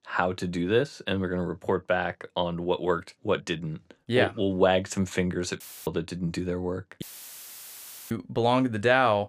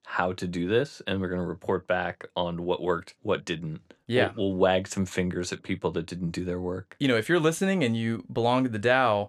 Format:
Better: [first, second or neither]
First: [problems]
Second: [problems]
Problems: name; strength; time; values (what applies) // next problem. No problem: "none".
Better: second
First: audio cutting out; filled with static; at 5.5 s and at 7 s for 1 s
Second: none